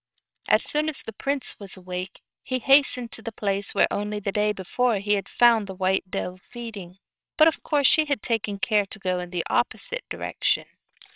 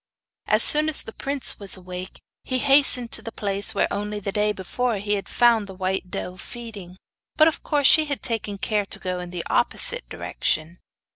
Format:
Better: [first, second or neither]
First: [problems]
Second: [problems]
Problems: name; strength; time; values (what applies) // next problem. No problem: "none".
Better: second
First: noise reduction (neural separator model SepFormer WHAMR!)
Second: none